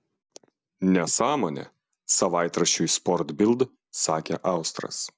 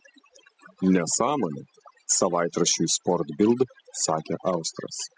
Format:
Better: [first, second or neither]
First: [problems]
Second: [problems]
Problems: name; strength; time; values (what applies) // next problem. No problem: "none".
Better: first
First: none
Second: noise reduction (classical method spectral subtraction)